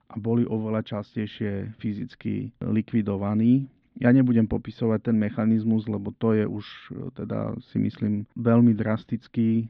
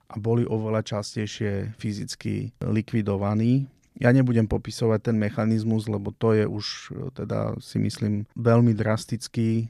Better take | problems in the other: second | muffled; very; fading above 3.5 kHz

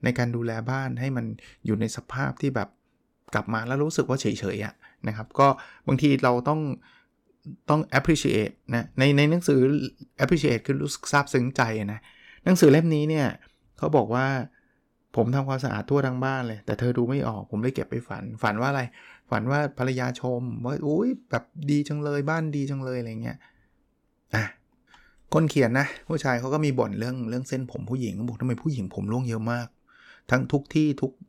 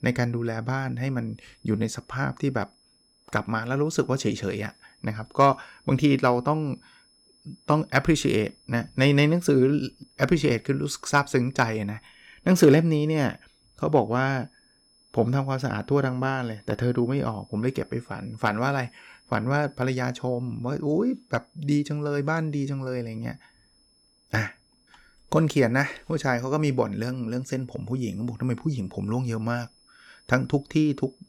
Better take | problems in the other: first | high-pitched whine; faint; throughout; 5 kHz, 35 dB below the speech

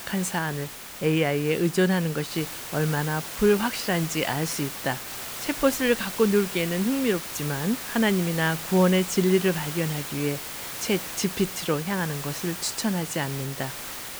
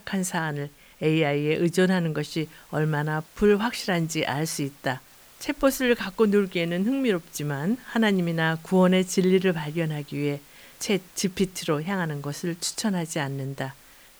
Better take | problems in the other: second | hiss; loud; throughout; 8 dB below the speech; faint in the second

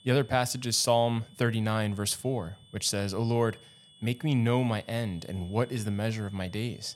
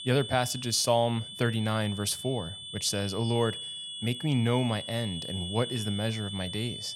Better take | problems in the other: first | high-pitched whine; loud; throughout; 3.5 kHz, 8 dB below the speech; faint in the first

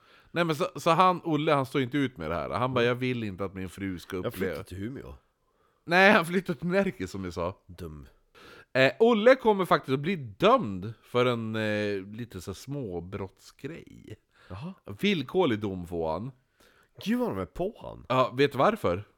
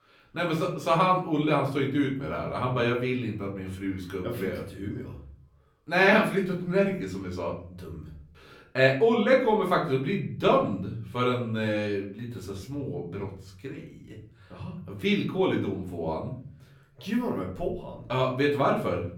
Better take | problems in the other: first | off-mic speech; far // room echo; slight; dies away in 0.6 s

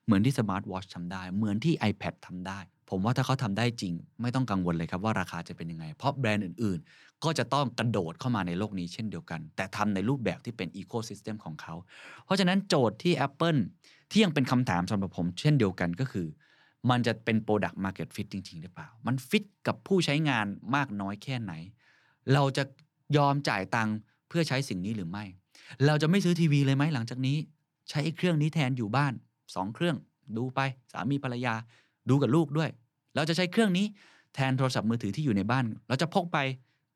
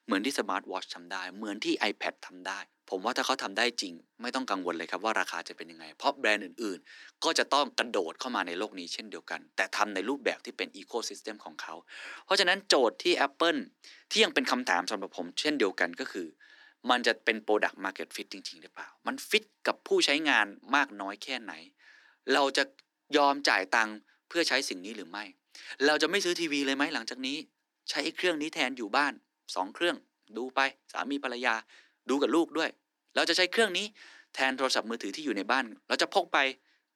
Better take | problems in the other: first | thin; somewhat; fading below 300 Hz

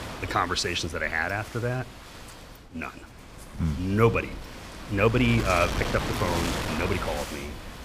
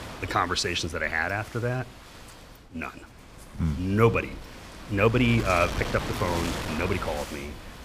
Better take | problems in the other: second | wind noise on the microphone; heavy; 8 dB below the speech; occasional gusts in the second

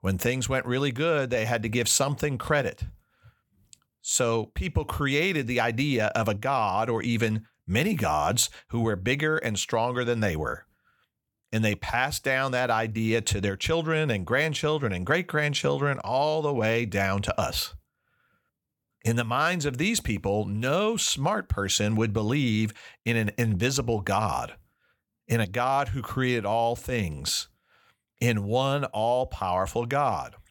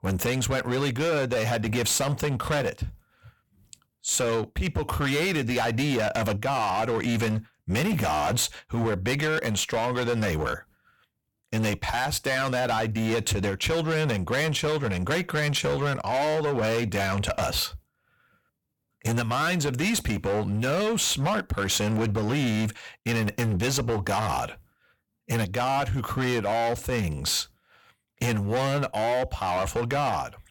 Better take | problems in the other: first | distortion; heavy; 21% of the sound clipped

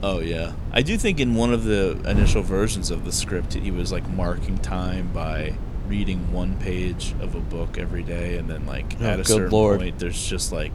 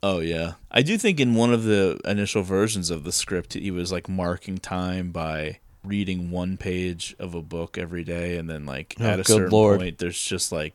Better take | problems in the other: second | wind noise on the microphone; occasional gusts; 15 dB below the speech

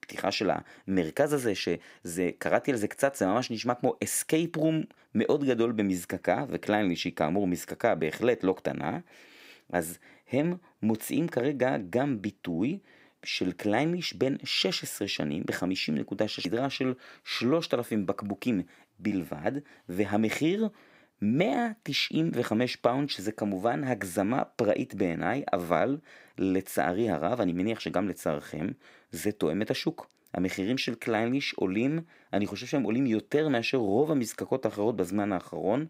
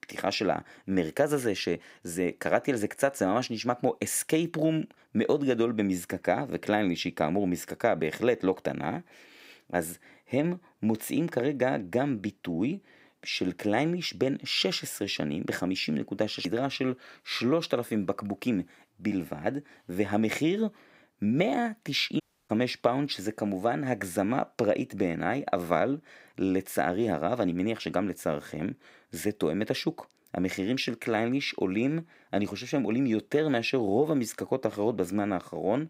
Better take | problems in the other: first | audio cutting out; at 22 s

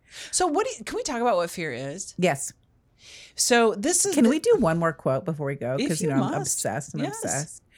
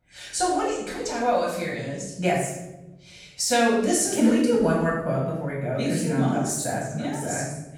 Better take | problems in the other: first | room echo; noticeable; dies away in 0.8 s // off-mic speech; far

